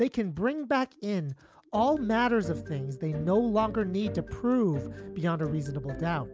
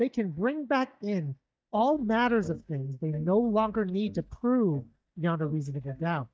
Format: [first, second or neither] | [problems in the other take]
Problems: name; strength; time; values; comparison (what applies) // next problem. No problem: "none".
first | noise reduction (neural mask model DeepFilterNet 3)